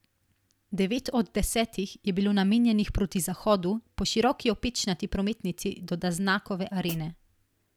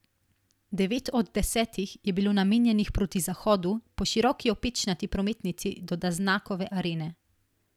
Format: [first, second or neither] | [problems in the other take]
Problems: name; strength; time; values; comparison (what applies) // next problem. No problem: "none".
second | background sound (Hi-hat); 16 dB below the speech